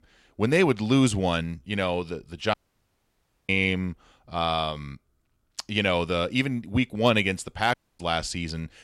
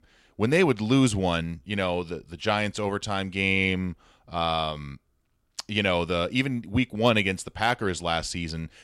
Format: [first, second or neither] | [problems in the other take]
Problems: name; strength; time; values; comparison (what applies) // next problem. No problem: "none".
second | audio cutting out; at 2.5 s for 1 s and at 7.5 s